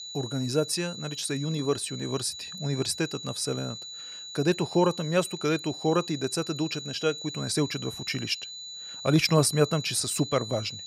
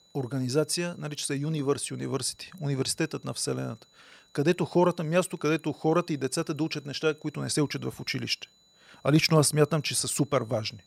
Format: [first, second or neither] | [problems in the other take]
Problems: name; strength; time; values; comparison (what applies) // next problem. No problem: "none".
second | high-pitched whine; loud; throughout; 4 kHz, 9 dB below the speech; faint in the second